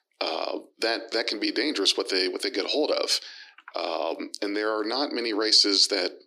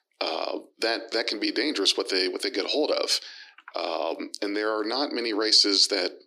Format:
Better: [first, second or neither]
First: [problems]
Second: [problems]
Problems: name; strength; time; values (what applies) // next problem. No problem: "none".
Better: neither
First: thin; somewhat; fading below 300 Hz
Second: thin; somewhat; fading below 300 Hz